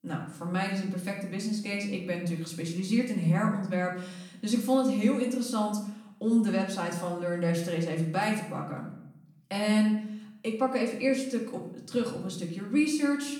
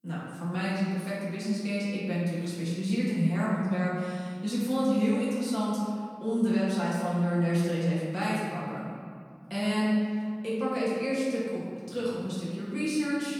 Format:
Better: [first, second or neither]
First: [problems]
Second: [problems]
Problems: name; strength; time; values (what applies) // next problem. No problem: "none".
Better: first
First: room echo; slight; dies away in 0.7 s // off-mic speech; far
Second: room echo; strong; dies away in 2 s // off-mic speech; far